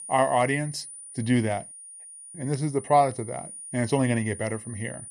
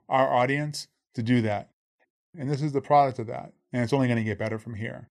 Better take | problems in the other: second | high-pitched whine; noticeable; throughout; 9.5 kHz, 15 dB below the speech

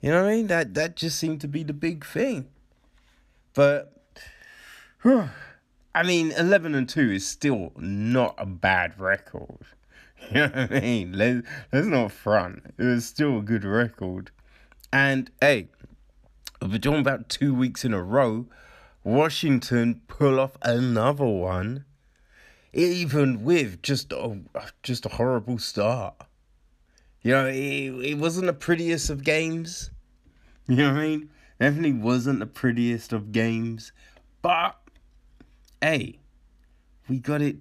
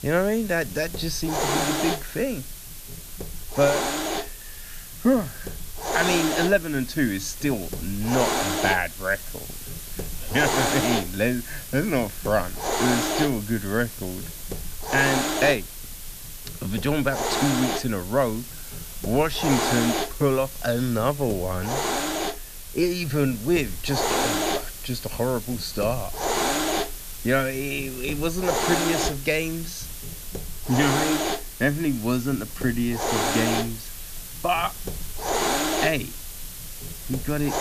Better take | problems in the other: first | hiss; loud; throughout; 3 dB below the speech

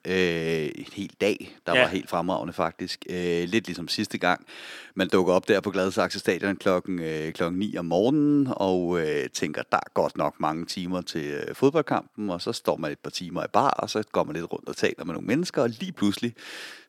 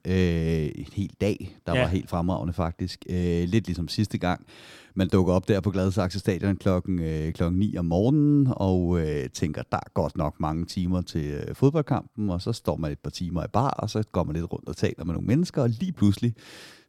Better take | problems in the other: second | thin; somewhat; fading below 300 Hz

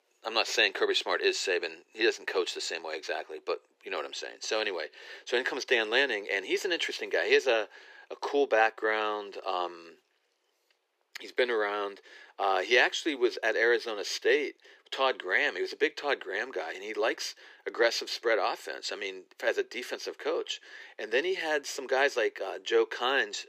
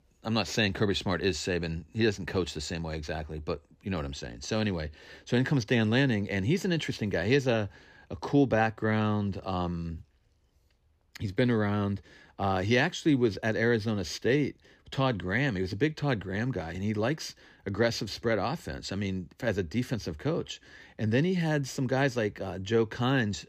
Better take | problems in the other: second | thin; very; fading below 350 Hz

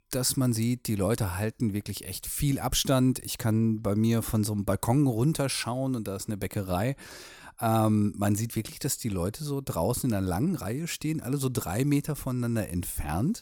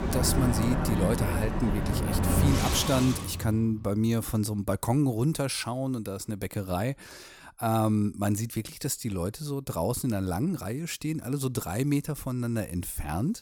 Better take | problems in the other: first | traffic noise; loud; until 3 s; as loud as the speech

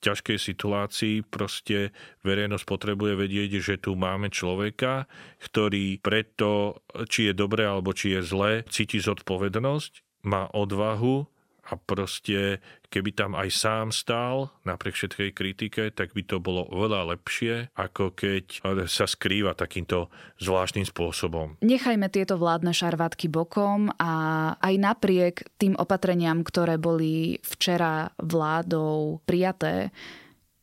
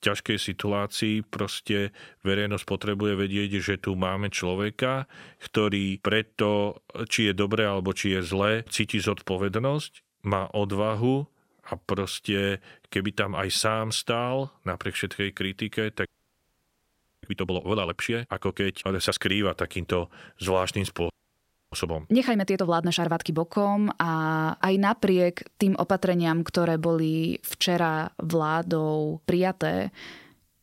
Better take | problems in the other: first | audio freezing; at 16 s for 1 s and at 21 s for 0.5 s

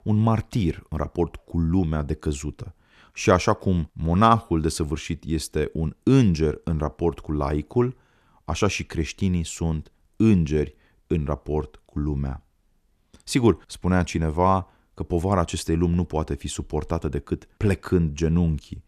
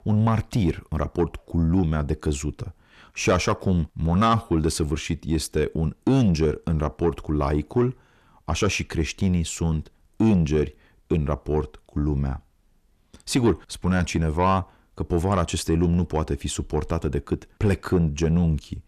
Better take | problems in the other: first | distortion; slight; 10 dB below the speech

